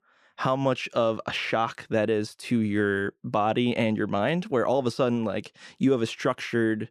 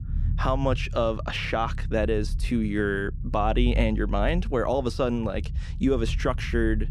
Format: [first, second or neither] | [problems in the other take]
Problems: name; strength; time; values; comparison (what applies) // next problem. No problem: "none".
first | low rumble; faint; throughout; 20 dB below the speech